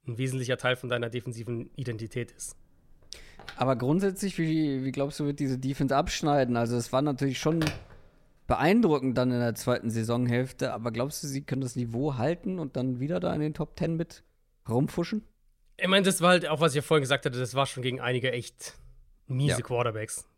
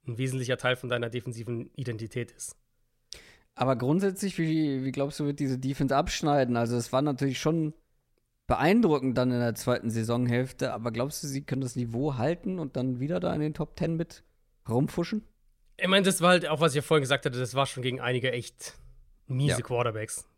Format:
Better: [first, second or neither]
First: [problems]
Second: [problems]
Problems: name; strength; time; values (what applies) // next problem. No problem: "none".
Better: second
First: phone ringing; noticeable; from 3 to 8 s; peak 7 dB below the speech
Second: none